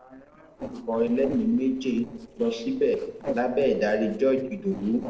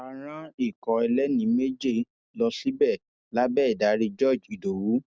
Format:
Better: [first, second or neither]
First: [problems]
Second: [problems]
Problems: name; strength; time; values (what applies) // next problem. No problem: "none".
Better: second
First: noise reduction (neural separator model SepFormer DNS4)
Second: none